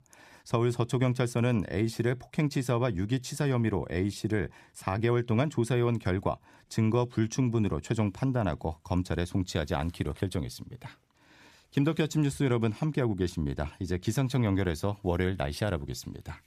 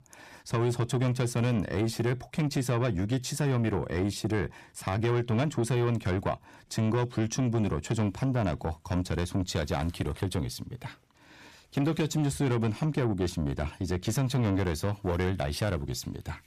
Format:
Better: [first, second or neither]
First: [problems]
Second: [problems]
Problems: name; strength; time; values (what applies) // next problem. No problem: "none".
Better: first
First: none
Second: distortion; slight; 10 dB below the speech